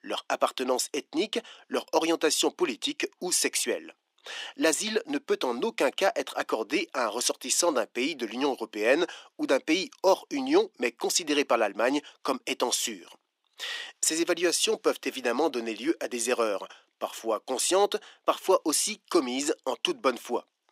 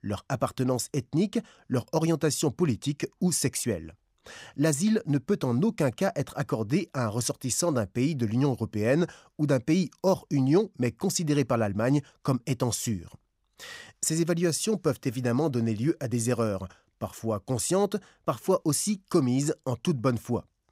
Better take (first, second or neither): second